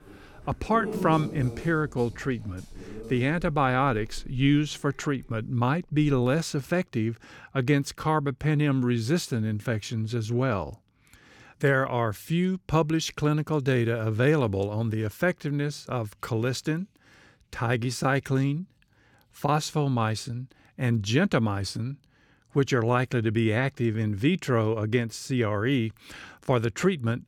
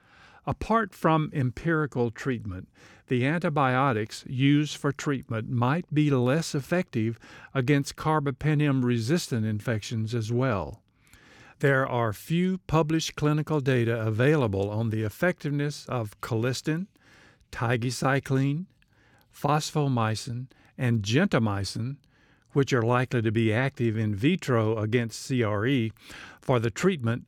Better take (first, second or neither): second